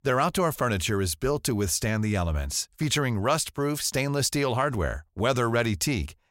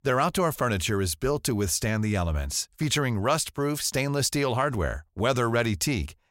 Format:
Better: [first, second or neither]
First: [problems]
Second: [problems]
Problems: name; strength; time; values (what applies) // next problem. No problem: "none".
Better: neither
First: none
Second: none